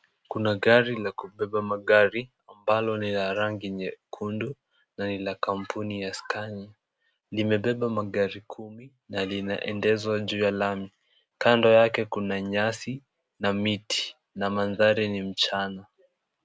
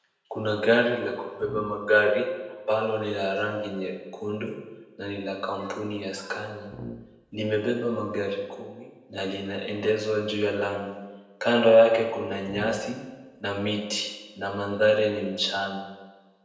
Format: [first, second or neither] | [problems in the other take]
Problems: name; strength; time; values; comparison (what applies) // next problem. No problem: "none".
first | background sound (Brass instrument); 16 dB below the speech // room echo; dies away in 1 s